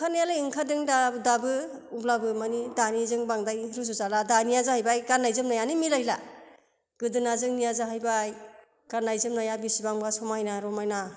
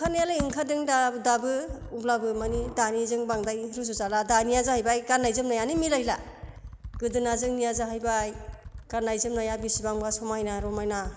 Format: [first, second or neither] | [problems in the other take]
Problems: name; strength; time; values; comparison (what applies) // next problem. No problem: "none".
first | background sound (Computer keyboard); 14 dB below the speech